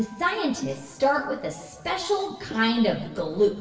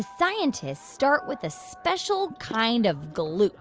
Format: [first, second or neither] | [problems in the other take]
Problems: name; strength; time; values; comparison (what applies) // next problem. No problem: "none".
second | room echo; dies away in 1 s